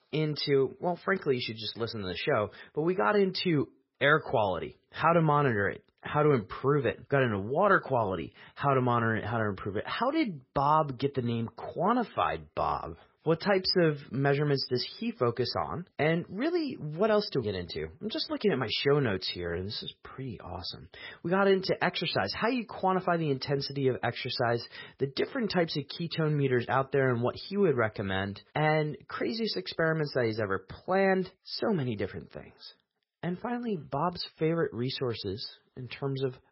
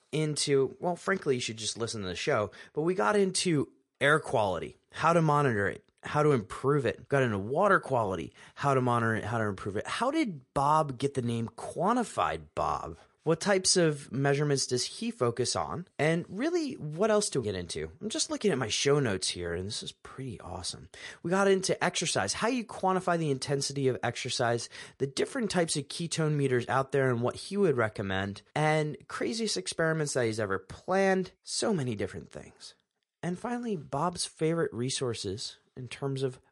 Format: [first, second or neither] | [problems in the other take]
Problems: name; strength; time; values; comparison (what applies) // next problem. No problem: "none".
second | garbled, watery; badly; nothing above 5.5 kHz; slightly in the second